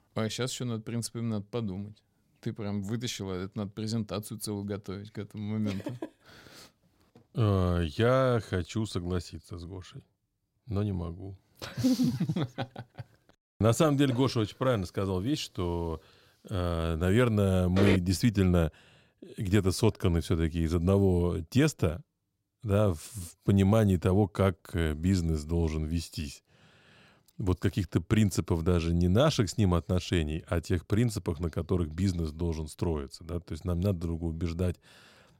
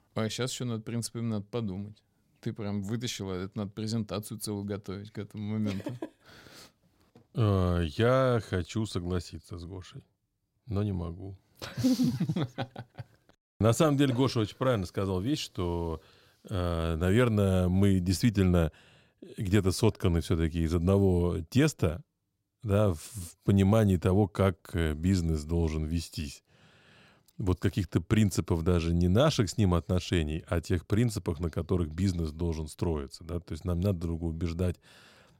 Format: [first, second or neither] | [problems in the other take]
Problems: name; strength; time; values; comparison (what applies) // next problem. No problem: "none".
second | footsteps; noticeable; at 18 s; peak level with the speech